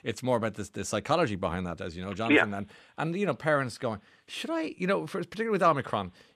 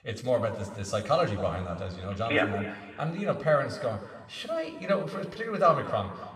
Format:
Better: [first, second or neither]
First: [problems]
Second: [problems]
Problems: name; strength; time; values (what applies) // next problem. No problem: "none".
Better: first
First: none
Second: room echo; noticeable; dies away in 1.7 s // off-mic speech; somewhat distant